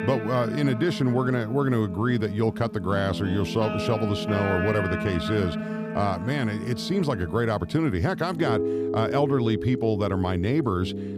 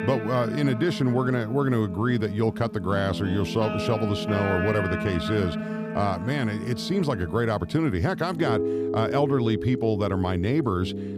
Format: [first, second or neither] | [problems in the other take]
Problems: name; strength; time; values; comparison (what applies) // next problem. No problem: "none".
neither | background music; loud; throughout; 6 dB below the speech; the same in both